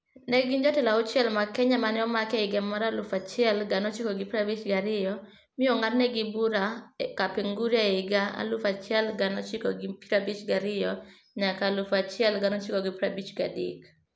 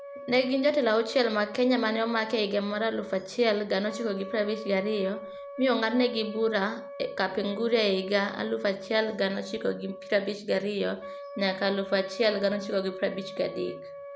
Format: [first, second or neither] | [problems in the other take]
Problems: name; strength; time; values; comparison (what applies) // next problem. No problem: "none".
first | background sound (Wind instrument, woodwind instrument); 14 dB below the speech